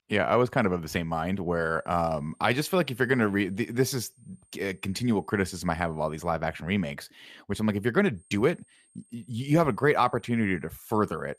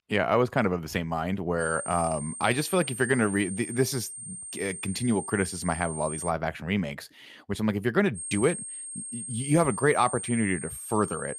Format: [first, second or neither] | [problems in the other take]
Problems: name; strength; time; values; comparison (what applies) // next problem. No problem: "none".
first | high-pitched whine; loud; from 1.5 to 6.5 s and from 8 s on; 8.5 kHz, 8 dB below the speech; faint in the first